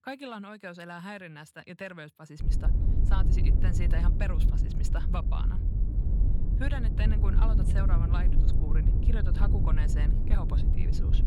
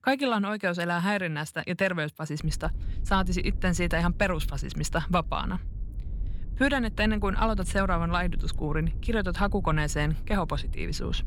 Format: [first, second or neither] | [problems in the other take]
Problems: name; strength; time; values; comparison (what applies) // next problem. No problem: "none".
second | low rumble; loud; from 2.5 s on; 3 dB below the speech; faint in the second